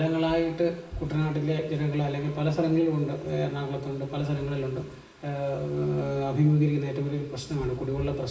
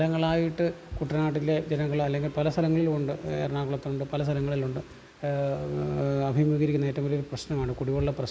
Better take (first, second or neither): second